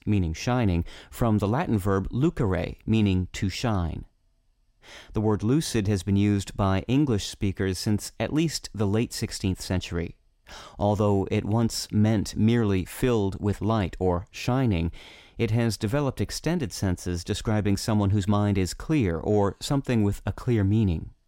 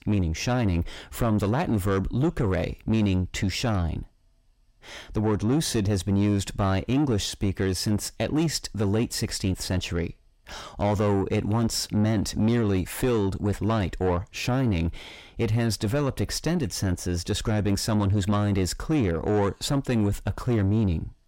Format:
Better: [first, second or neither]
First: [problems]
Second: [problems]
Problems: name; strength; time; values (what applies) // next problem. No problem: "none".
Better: first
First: none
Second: distortion; slight; 10 dB below the speech